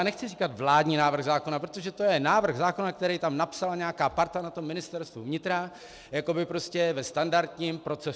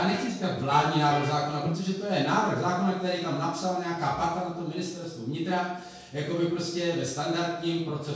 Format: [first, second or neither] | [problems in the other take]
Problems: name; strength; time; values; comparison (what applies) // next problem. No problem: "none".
first | background sound (Electric guitar); 11 dB below the speech // room echo; dies away in 0.6 s